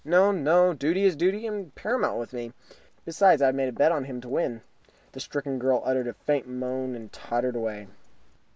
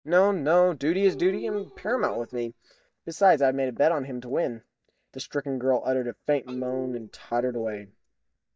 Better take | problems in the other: first | noise reduction (neural mask model DeepFilterNet 3)

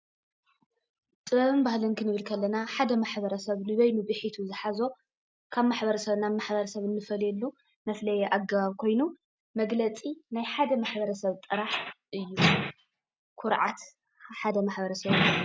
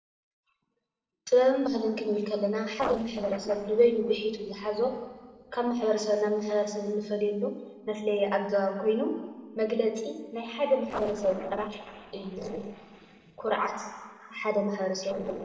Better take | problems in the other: first | noise reduction (neural separator model SepFormer DNS4)

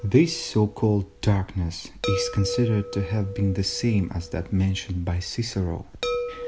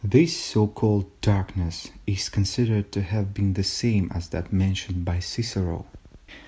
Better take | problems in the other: second | background sound (Chime); 10 dB below the speech

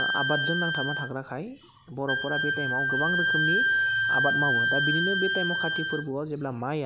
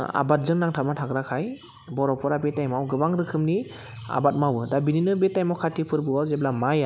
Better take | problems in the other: second | background sound (Wind instrument, woodwind instrument); 4 dB above the speech

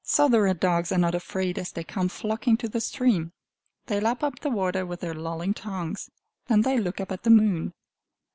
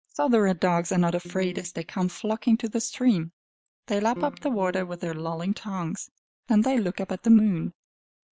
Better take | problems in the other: first | noise reduction (neural mask model DeepFilterNet 3)

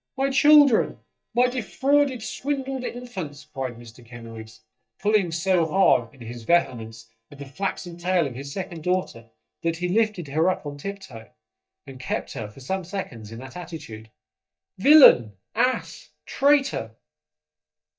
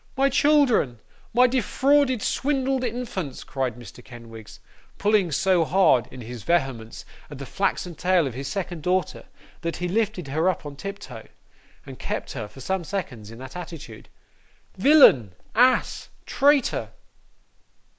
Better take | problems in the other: second | noise reduction (neural mask model DeepFilterNet 3)

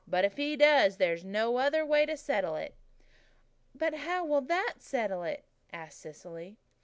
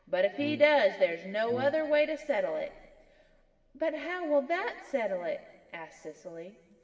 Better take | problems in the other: first | background sound (Brass instrument); 15 dB below the speech // room echo; dies away in 2.8 s

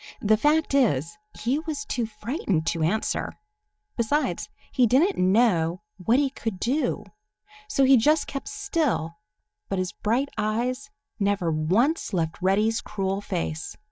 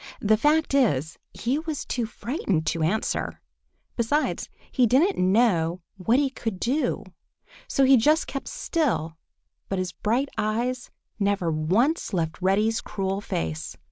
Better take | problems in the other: second | noise reduction (neural mask model DeepFilterNet 3)

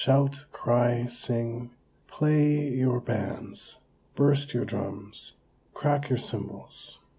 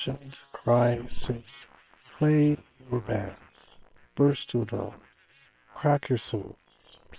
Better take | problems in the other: first | noise reduction (neural separator model SepFormer WHAM!)

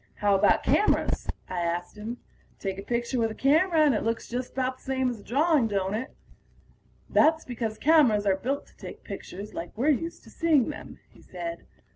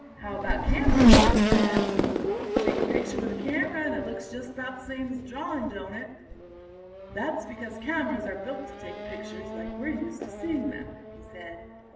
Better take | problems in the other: first | background sound (Race car, auto racing / Accelerating, revving, vroom); 3 dB above the speech // room echo; dies away in 0.8 s

